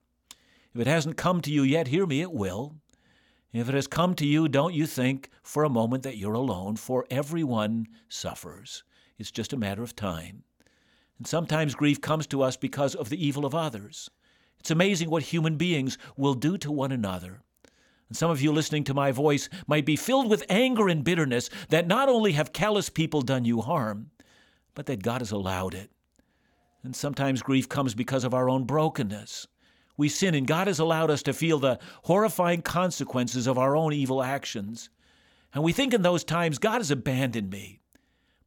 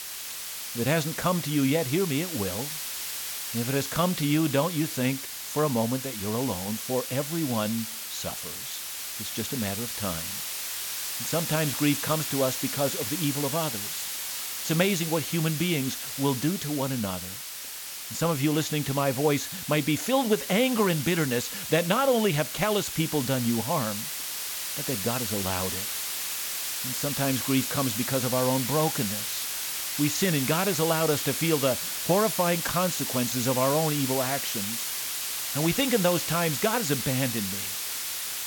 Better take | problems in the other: first | hiss; loud; throughout; 3 dB below the speech

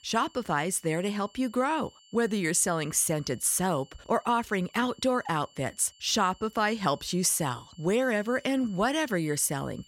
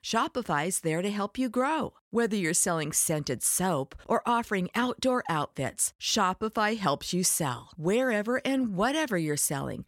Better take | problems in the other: second | high-pitched whine; faint; throughout; 3 kHz, 30 dB below the speech

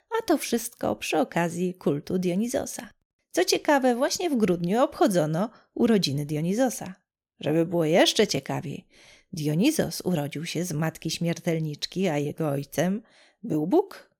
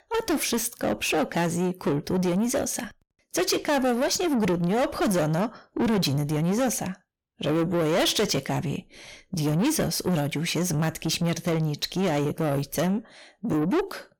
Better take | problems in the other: first | distortion; heavy; 7 dB below the speech

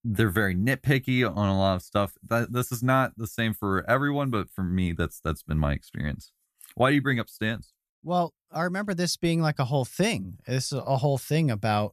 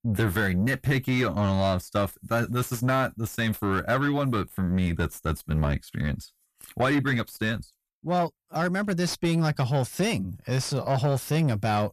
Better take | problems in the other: first | distortion; slight; 10 dB below the speech

